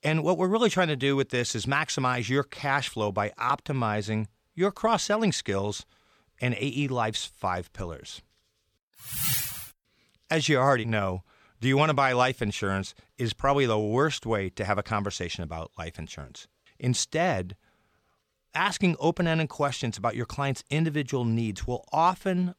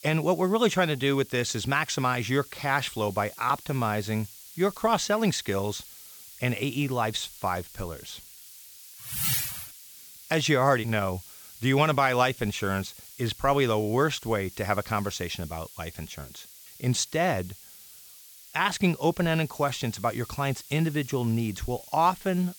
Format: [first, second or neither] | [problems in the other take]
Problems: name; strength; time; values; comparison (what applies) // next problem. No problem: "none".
first | hiss; noticeable; throughout; 20 dB below the speech